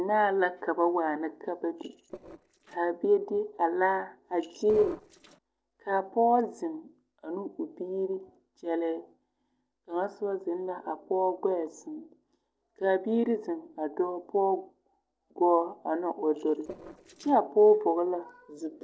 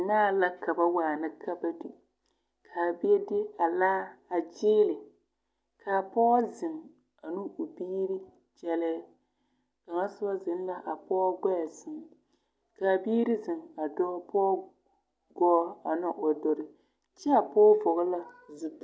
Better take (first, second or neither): second